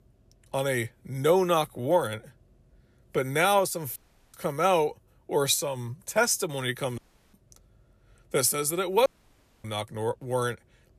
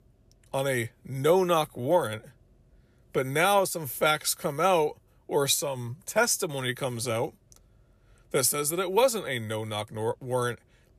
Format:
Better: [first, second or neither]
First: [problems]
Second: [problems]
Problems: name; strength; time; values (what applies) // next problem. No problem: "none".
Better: second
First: audio cutting out; at 4 s, at 7 s and at 9 s for 0.5 s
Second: none